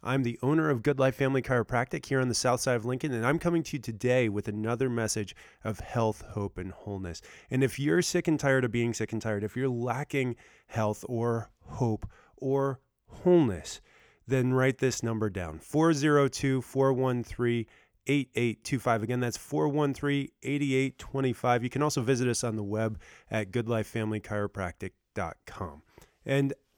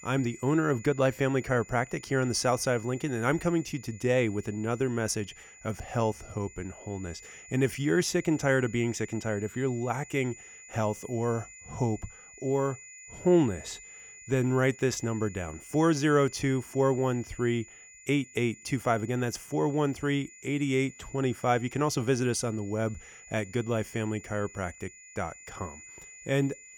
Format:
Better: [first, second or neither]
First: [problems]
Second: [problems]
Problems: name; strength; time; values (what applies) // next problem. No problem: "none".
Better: first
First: none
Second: high-pitched whine; noticeable; throughout; 7 kHz, 20 dB below the speech